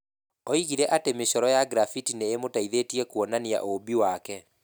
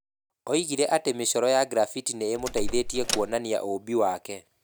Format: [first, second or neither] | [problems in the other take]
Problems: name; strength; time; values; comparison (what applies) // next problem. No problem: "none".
first | background sound (Door); 3 dB below the speech